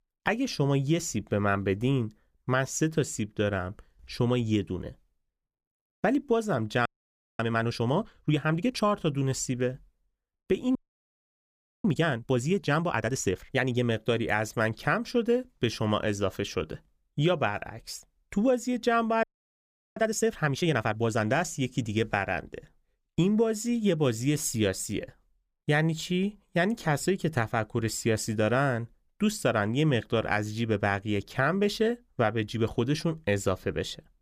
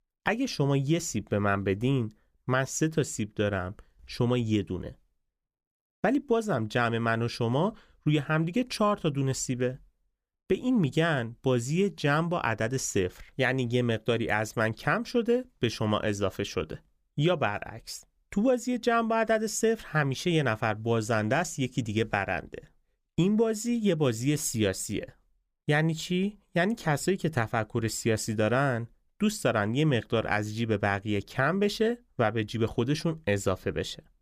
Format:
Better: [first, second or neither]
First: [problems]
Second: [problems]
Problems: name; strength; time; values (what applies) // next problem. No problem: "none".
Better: second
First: audio freezing; at 7 s for 0.5 s, at 11 s for 1 s and at 19 s for 0.5 s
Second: none